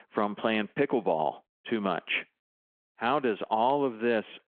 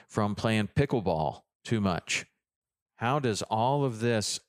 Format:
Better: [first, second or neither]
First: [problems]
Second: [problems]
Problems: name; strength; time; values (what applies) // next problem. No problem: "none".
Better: second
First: phone-call audio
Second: none